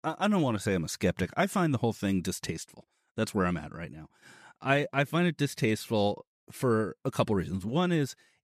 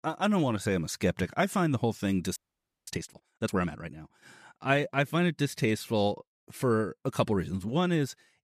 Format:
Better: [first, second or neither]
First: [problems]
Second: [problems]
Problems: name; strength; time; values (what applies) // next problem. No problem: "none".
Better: first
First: none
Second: audio freezing; at 2.5 s for 0.5 s